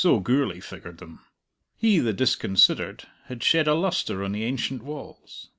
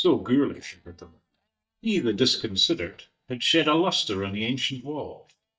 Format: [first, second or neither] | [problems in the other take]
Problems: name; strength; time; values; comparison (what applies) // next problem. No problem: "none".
first | noise reduction (neural mask model DeepFilterNet 3)